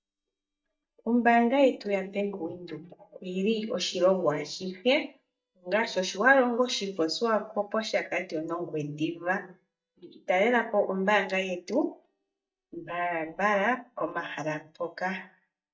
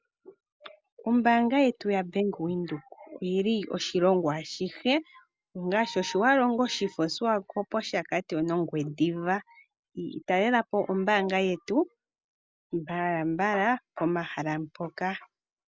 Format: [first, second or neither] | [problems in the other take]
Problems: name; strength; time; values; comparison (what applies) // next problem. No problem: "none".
second | noise reduction (neural mask model DeepFilterNet 3)